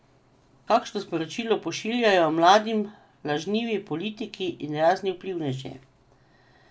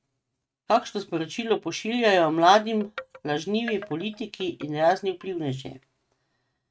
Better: first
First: none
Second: noise reduction (neural mask model RNNoise)

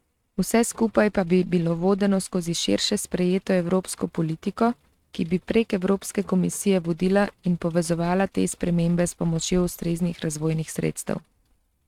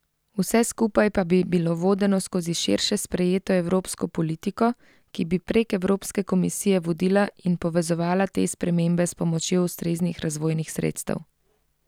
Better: second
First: noise reduction (neural mask model RNNoise)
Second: none

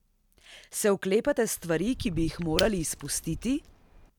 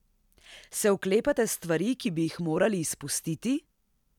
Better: second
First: background sound (Shatter / Crushing); 9 dB below the speech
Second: none

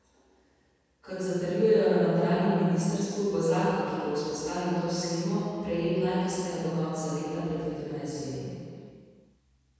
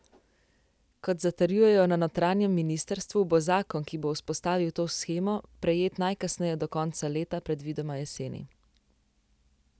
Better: second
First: room echo; dies away in 2.1 s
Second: none

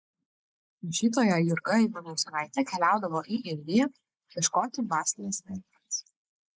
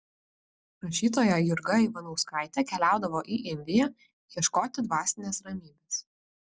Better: second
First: noise reduction (neural mask model Resemble Enhance denoiser)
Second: none

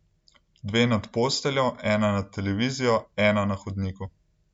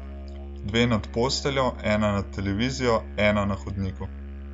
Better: first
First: none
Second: background sound (Musical instrument); 10 dB below the speech

